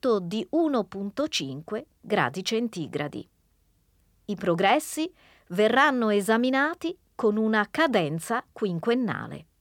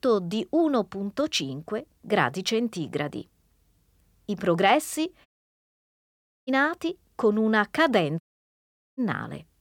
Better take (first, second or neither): first